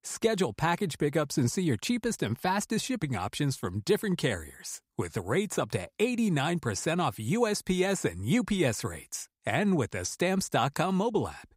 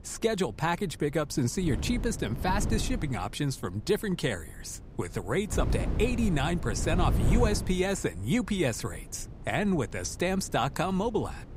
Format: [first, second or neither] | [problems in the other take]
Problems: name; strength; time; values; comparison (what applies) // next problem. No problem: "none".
first | wind noise on the microphone; occasional gusts; 15 dB below the speech